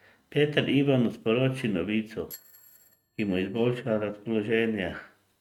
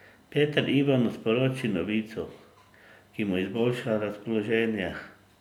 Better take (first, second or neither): second